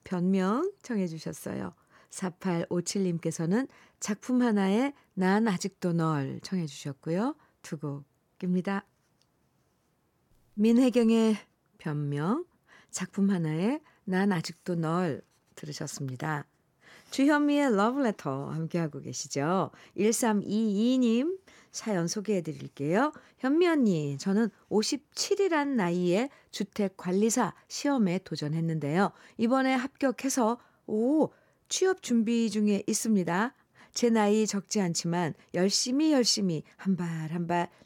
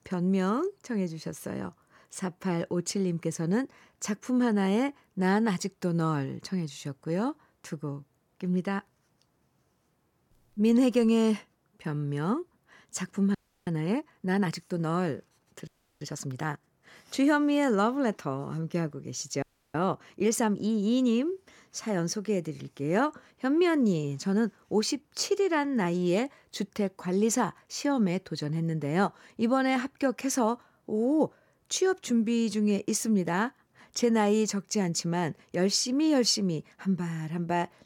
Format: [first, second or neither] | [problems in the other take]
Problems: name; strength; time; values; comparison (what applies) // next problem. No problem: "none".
first | audio freezing; at 13 s, at 16 s and at 19 s